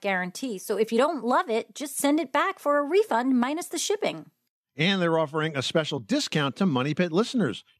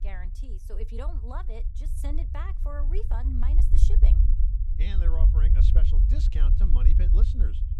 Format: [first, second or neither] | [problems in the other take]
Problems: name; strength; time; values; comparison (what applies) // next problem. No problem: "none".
first | low rumble; loud; throughout; 1 dB below the speech